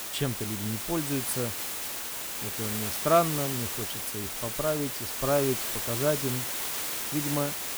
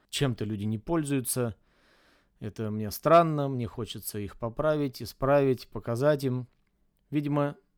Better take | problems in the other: second | hiss; loud; throughout; as loud as the speech

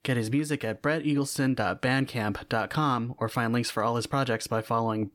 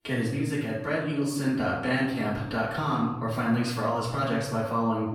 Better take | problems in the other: first | off-mic speech; far // room echo; noticeable; dies away in 0.8 s

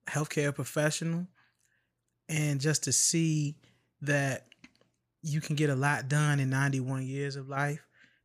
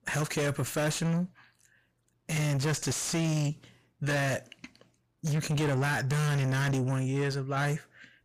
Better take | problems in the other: first | distortion; heavy; 6 dB below the speech

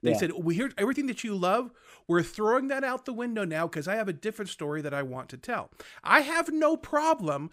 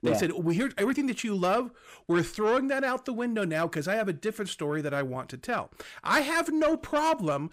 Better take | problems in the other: first | distortion; slight; 10 dB below the speech

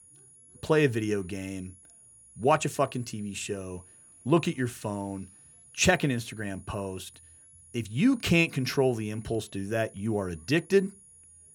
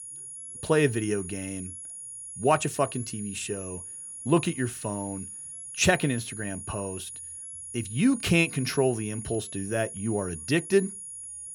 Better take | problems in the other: first | high-pitched whine; loud; throughout; 10.5 kHz, 10 dB below the speech; faint in the first

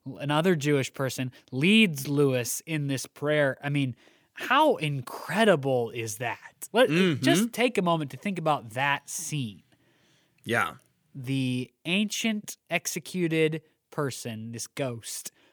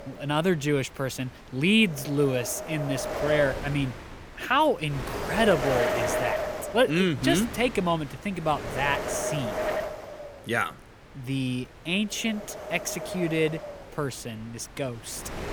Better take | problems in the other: first | wind noise on the microphone; heavy; 4 dB below the speech

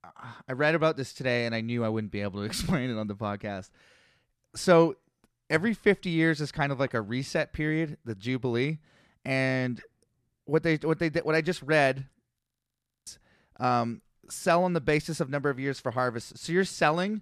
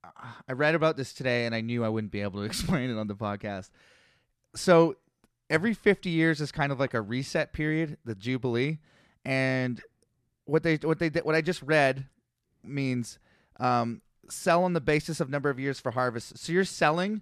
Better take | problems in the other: second | audio freezing; at 12 s for 0.5 s

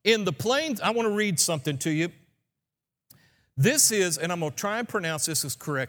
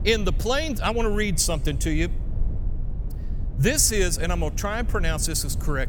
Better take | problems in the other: first | low rumble; faint; throughout; 20 dB below the speech

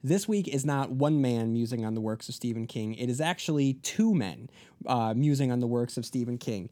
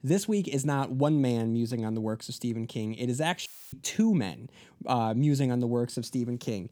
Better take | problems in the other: first | audio cutting out; filled with static; at 3.5 s

